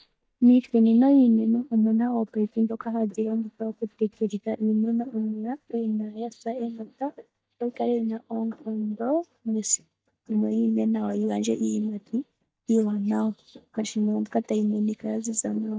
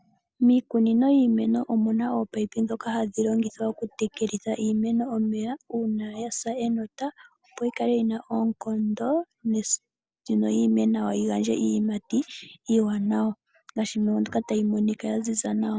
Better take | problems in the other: second | noise reduction (neural mask model DeepFilterNet 3)

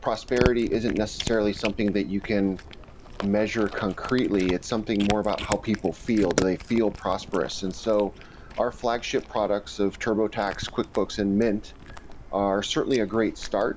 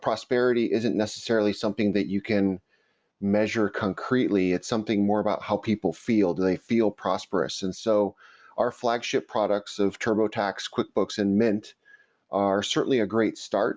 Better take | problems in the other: second | background sound (Cat); 10 dB below the speech

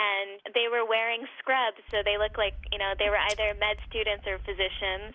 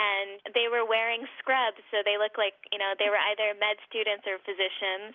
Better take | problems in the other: second | background sound (Scissors); 12 dB below the speech

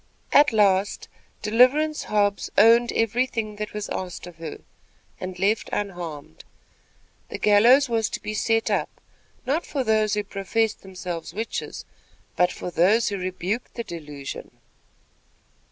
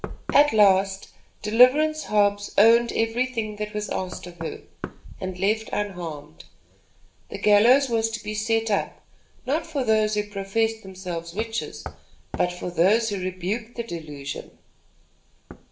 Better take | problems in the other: first | background sound (Knock); 19 dB below the speech // room echo; dies away in 0.4 s

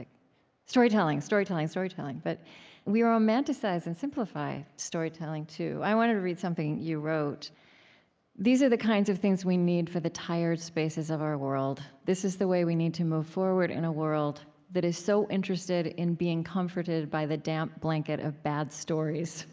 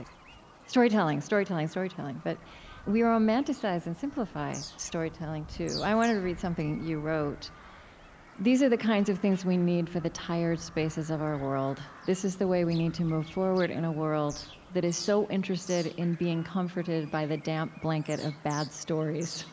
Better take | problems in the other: first | background sound (Bird vocalization, bird call, bird song); 18 dB below the speech

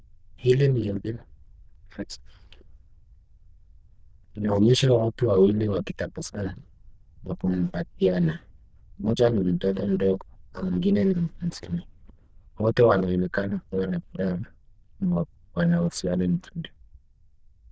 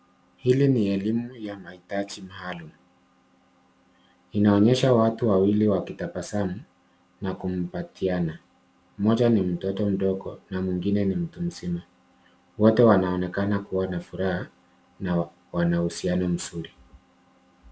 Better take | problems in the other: second | noise reduction (neural diffusion model UNIVERSE++)

